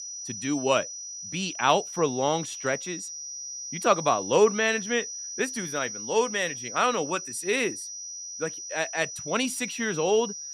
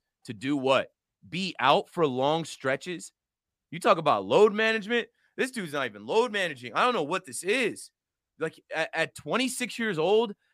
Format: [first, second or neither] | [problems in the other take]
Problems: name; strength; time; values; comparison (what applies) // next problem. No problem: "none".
second | high-pitched whine; loud; throughout; 6 kHz, 8 dB below the speech